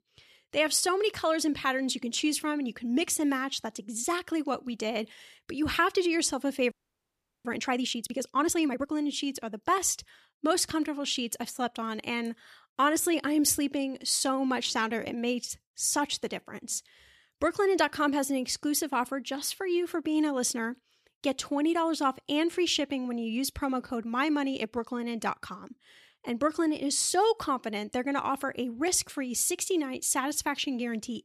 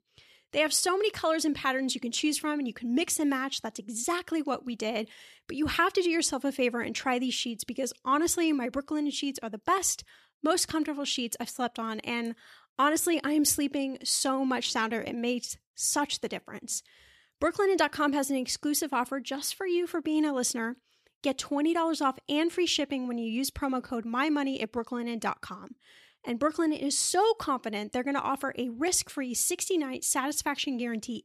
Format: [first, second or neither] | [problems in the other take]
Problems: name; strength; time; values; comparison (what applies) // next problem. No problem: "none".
second | audio freezing; at 6.5 s for 0.5 s